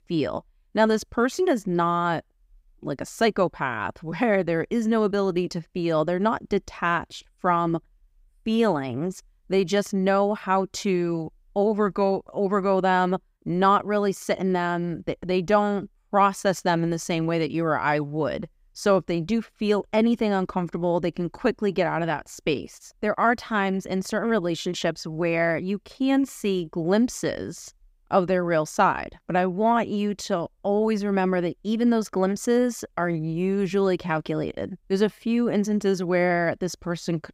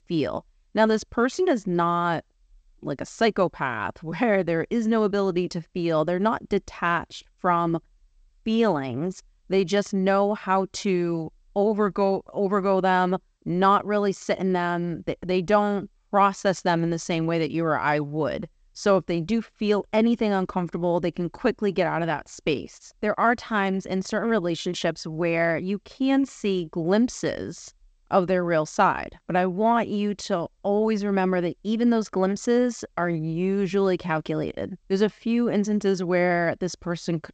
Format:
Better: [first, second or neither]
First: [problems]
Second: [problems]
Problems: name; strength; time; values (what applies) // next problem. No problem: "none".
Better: first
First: none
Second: garbled, watery; slightly; nothing above 7.5 kHz